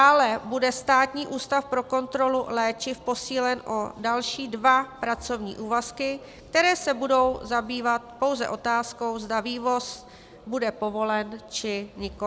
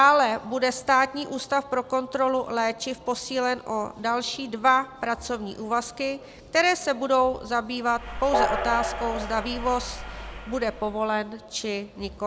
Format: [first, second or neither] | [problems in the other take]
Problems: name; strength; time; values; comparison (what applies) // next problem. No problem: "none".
first | background sound (Train); 6 dB below the speech